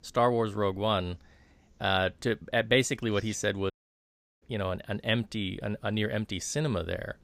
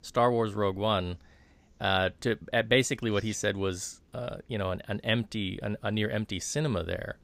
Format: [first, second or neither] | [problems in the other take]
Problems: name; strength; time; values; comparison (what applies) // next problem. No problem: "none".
second | audio cutting out; at 3.5 s for 0.5 s